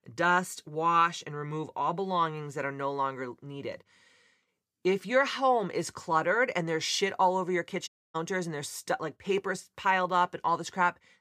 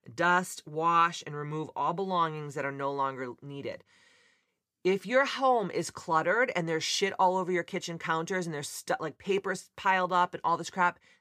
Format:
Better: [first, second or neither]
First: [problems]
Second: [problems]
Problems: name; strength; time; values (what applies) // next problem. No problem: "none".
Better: second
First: audio cutting out; at 8 s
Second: none